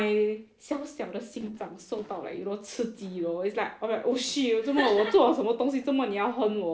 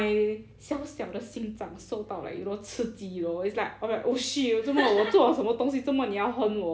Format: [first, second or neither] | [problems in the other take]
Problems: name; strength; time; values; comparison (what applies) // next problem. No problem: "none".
second | noise reduction (neural separator model SepFormer DNS4)